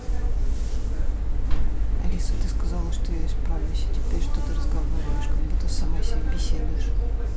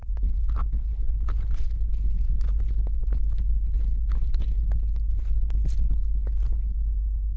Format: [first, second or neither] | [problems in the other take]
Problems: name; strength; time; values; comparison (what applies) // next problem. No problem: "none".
first | noise reduction (neural diffusion model UNIVERSE++)